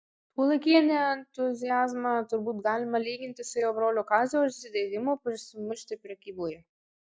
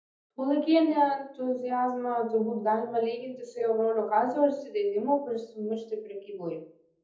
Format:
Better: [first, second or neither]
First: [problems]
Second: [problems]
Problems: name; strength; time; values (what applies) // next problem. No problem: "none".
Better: first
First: none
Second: room echo; dies away in 0.7 s